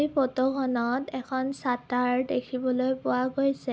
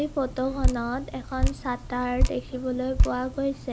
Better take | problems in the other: first | background sound (Drip); 2 dB above the speech

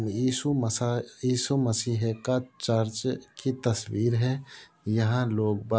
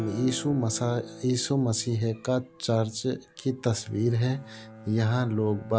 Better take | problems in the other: first | background sound (Bowed string instrument + Guitar); 17 dB below the speech

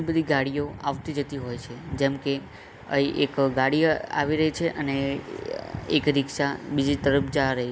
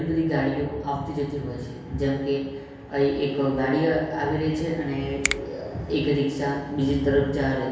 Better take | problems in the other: first | background sound (Finger snapping); 9 dB below the speech // room echo; dies away in 1.2 s

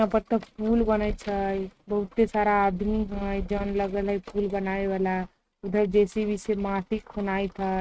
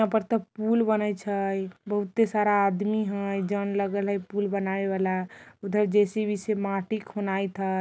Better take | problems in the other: second | noise reduction (neural mask model RNNoise)

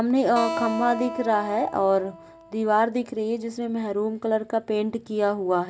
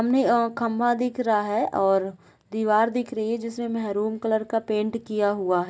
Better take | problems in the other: second | background sound (Acoustic guitar); 10 dB below the speech

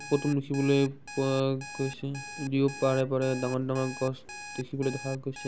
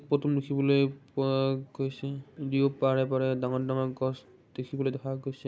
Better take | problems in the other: second | background sound (Alarm); 14 dB below the speech

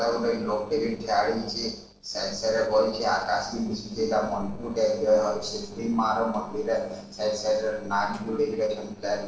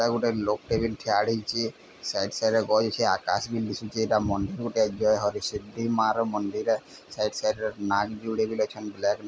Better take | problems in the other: second | noise reduction (neural separator model SepFormer DNS4)

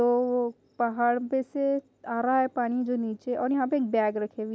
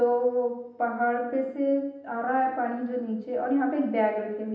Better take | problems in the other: first | room echo; dies away in 0.9 s

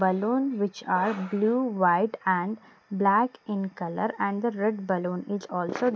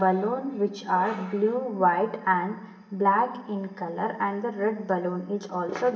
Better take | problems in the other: first | room echo; dies away in 0.9 s

